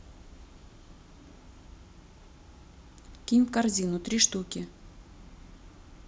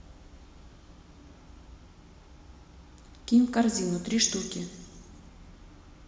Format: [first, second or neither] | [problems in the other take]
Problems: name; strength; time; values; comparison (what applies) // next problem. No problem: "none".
first | room echo; dies away in 1.7 s